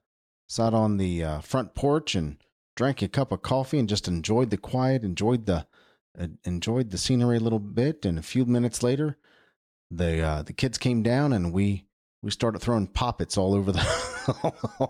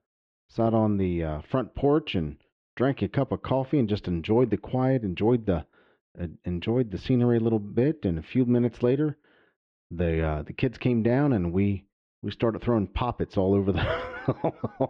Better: first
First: none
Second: muffled; very; fading above 3 kHz

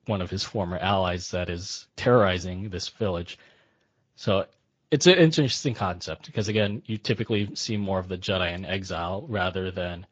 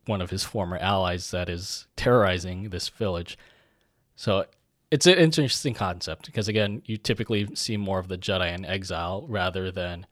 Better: second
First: garbled, watery; slightly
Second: none

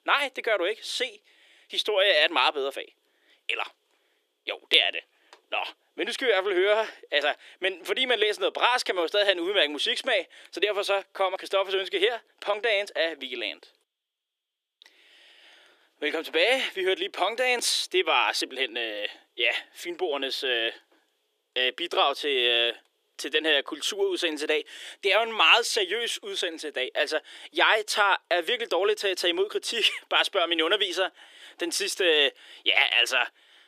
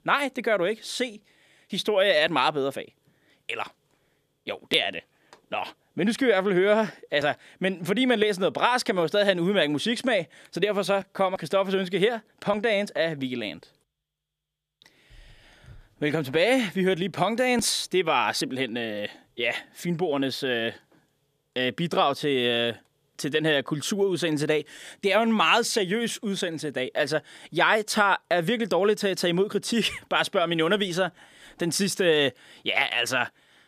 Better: second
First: thin; very; fading below 350 Hz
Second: none

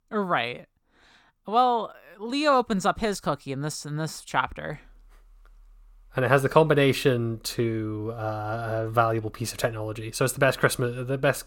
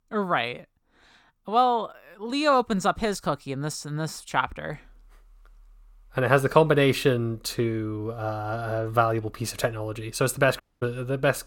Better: first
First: none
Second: audio cutting out; at 11 s

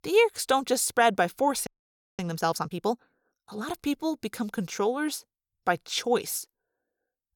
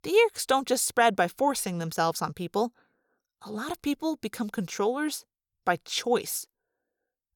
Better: second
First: audio freezing; at 1.5 s for 0.5 s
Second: none

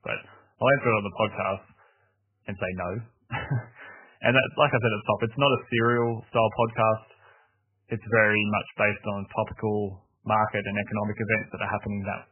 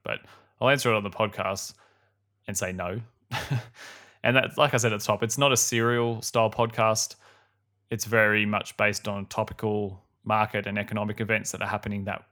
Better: second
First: garbled, watery; badly; nothing above 3 kHz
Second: none

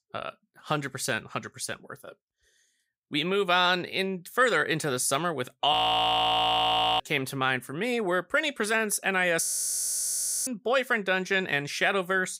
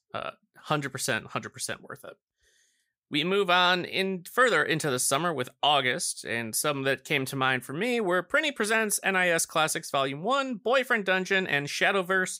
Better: second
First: audio freezing; at 5.5 s for 1.5 s and at 9.5 s for 1 s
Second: none

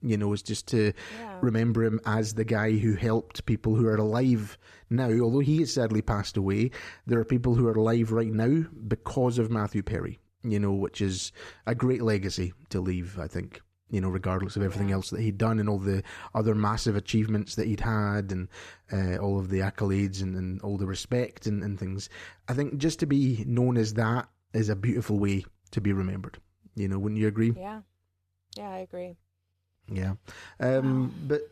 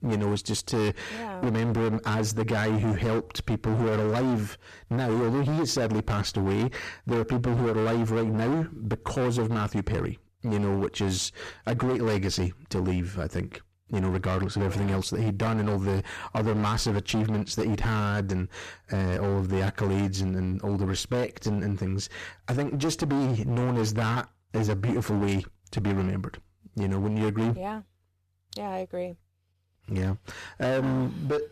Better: first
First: none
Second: distortion; heavy; 25% of the sound clipped

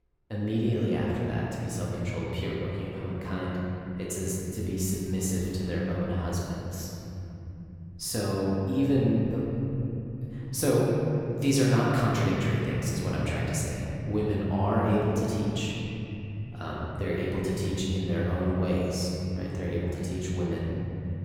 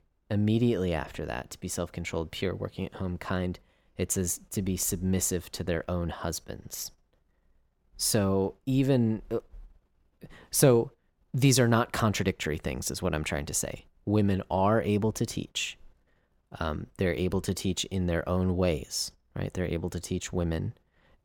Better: second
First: room echo; strong; dies away in 3 s // off-mic speech; far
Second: none

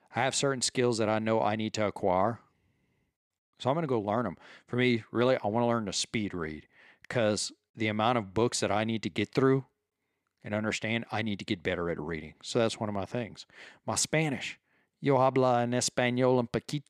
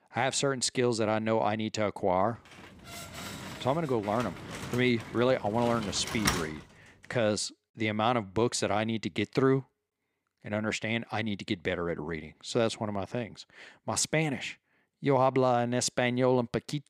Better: first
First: none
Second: door banging; noticeable; from 3 to 6.5 s; peak level with the speech

